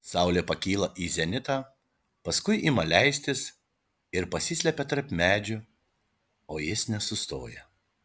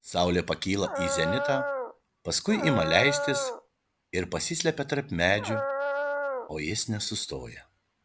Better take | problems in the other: first | background sound (Dog); 1 dB below the speech

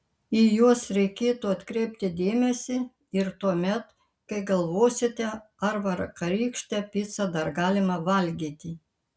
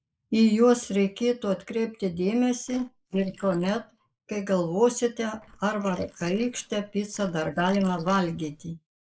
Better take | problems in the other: first | noise reduction (neural mask model Resemble Enhance denoiser)

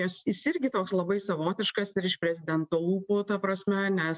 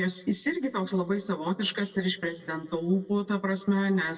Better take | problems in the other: first | room echo; dies away in 1.3 s

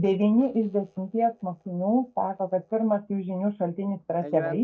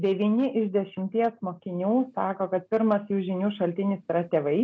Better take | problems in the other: second | noise reduction (neural mask model DeepFilterNet 3)

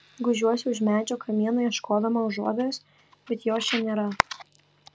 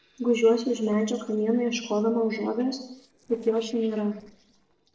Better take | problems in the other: first | noise reduction (neural separator model SepFormer DNS4)

